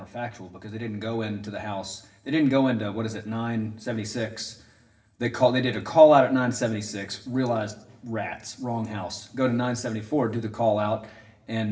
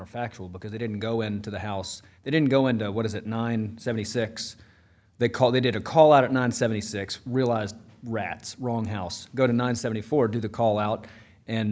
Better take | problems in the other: second | room echo; dies away in 0.6 s

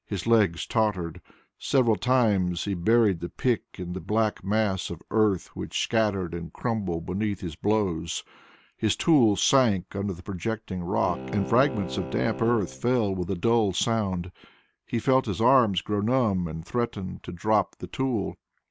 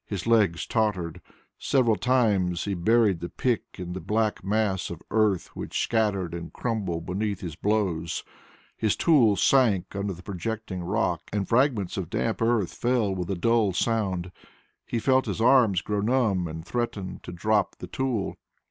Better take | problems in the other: second | background sound (Bowed string instrument); 12 dB below the speech

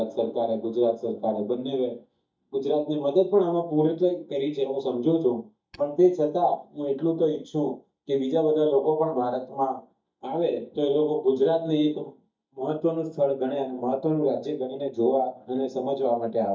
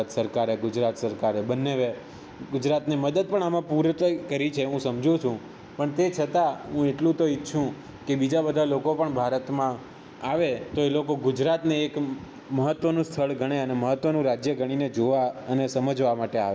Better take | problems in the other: second | noise reduction (neural mask model DeepFilterNet 3)

